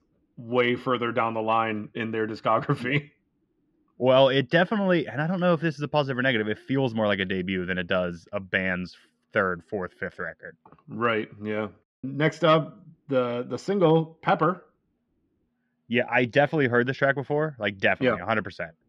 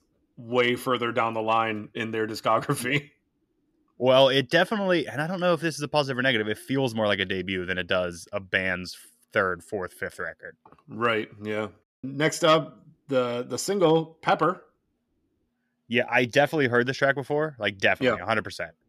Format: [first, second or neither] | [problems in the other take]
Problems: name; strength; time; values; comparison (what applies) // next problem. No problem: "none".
second | muffled; slightly; fading above 3 kHz